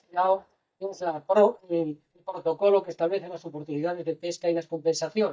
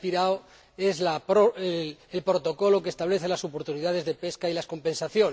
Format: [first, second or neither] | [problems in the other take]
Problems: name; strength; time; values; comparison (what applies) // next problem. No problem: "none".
second | noise reduction (neural mask model DeepFilterNet 3)